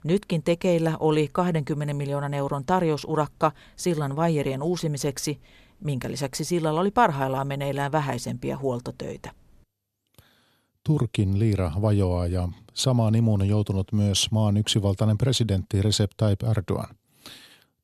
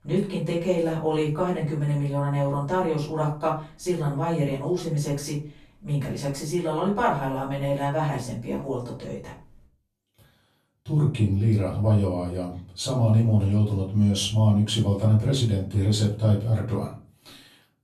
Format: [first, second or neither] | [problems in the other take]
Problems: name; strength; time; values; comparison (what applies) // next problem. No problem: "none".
first | off-mic speech; far // room echo; slight; dies away in 0.3 s